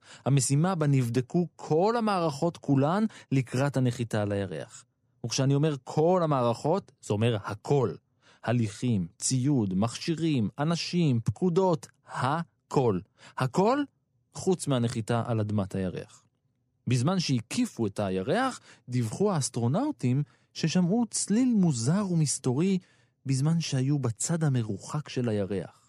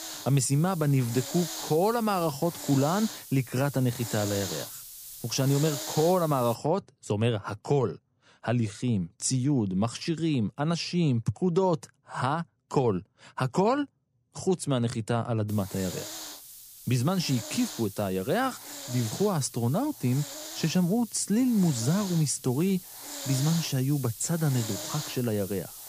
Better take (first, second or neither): first